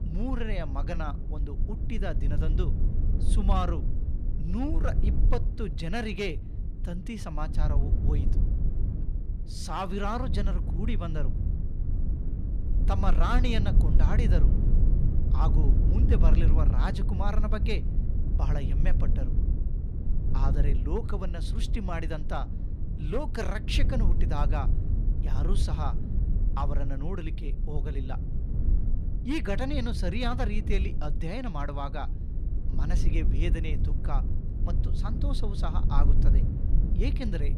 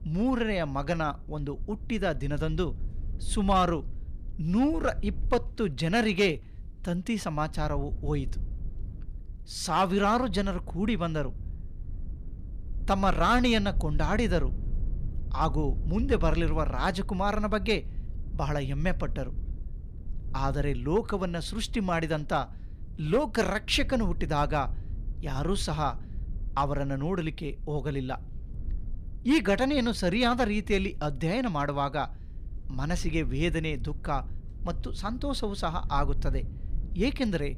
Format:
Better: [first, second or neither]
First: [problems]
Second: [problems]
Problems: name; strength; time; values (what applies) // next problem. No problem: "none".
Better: second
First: low rumble; loud; throughout; 8 dB below the speech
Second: low rumble; faint; throughout; 25 dB below the speech